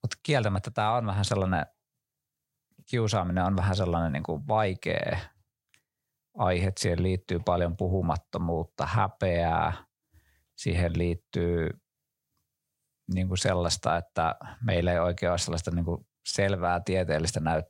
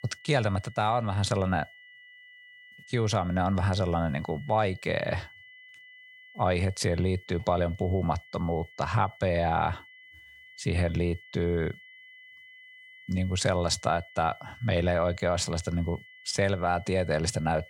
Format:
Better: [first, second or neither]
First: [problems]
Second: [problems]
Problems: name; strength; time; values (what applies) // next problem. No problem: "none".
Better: first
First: none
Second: high-pitched whine; faint; throughout; 2 kHz, 20 dB below the speech